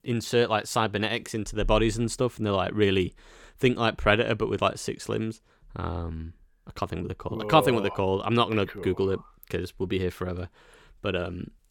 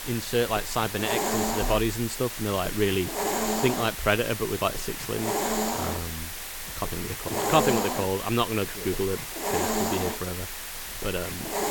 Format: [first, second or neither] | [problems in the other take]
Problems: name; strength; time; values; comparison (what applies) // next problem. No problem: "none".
first | hiss; loud; throughout; 2 dB below the speech